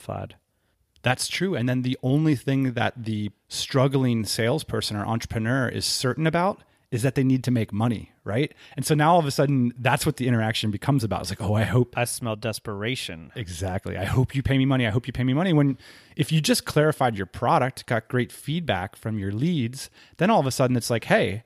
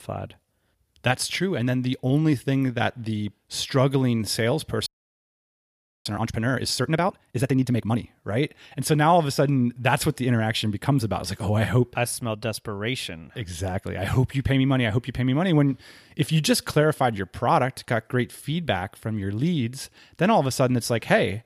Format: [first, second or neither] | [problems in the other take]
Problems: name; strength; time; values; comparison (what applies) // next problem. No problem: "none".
first | audio freezing; at 5 s for 1 s